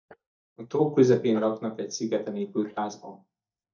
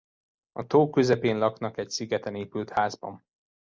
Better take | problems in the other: second | noise reduction (neural mask model DeepFilterNet 3)

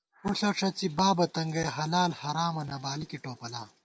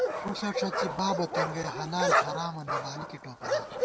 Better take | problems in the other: first | background sound (Bark); 3 dB above the speech

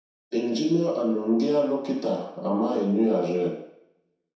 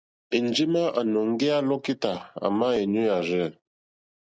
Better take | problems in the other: second | room echo; dies away in 0.7 s

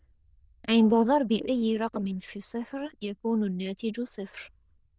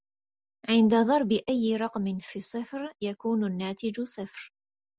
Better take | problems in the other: second | noise reduction (neural diffusion model UNIVERSE++)

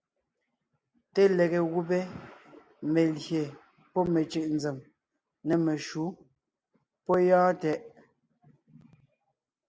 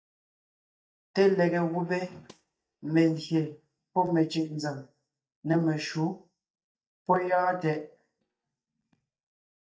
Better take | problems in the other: first | noise reduction (neural mask model DeepFilterNet 3)

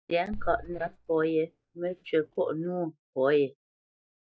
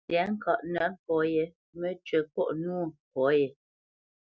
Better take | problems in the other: second | noise reduction (neural mask model DeepFilterNet 3)

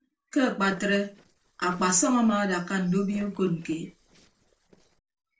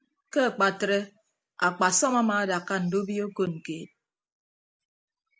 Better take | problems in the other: second | noise reduction (neural separator model SepFormer DNS4)

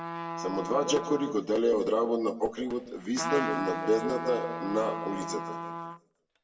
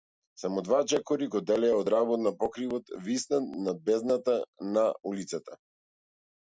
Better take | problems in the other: second | background sound (Trumpet); 7 dB below the speech // room echo; dies away in 1.2 s

